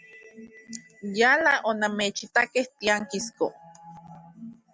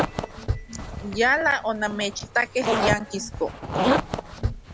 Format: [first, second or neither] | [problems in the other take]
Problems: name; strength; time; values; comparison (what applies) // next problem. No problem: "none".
first | background sound (Zipper (clothing)); as loud as the speech